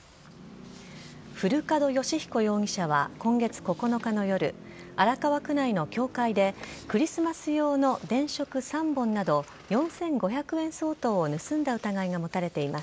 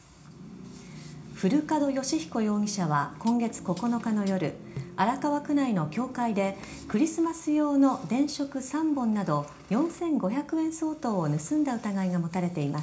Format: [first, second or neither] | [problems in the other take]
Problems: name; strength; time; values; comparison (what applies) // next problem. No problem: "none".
first | background sound (Hi-hat); 18 dB below the speech // room echo; dies away in 0.4 s